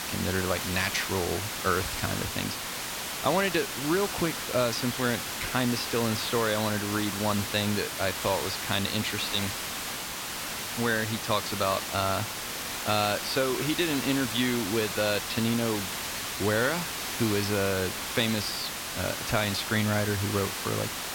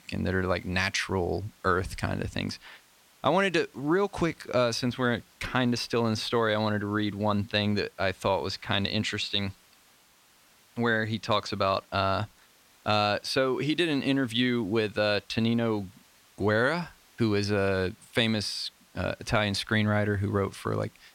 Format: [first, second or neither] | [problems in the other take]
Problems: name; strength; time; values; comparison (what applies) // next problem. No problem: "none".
second | hiss; loud; throughout; 3 dB below the speech; faint in the second